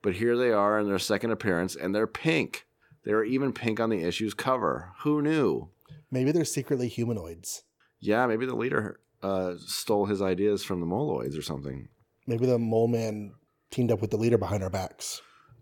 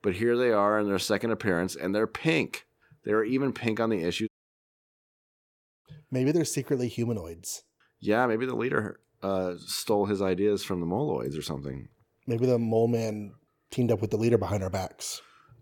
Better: first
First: none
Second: audio cutting out; at 4.5 s for 1.5 s

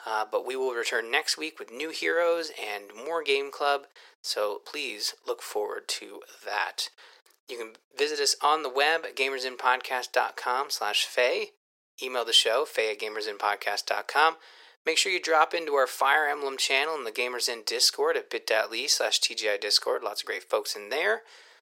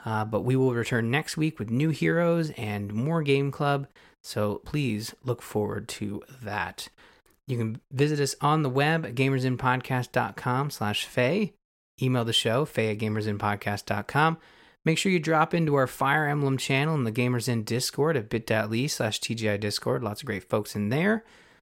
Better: second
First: thin; very; fading below 400 Hz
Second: none

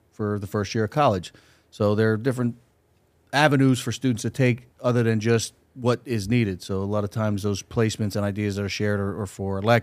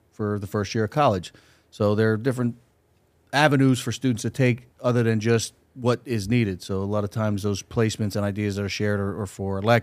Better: neither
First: none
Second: none

